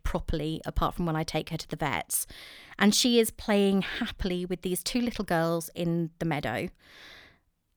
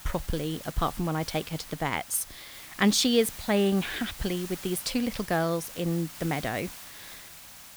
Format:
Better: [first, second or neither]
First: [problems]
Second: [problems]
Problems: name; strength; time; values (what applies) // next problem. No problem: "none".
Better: first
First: none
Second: hiss; noticeable; throughout; 15 dB below the speech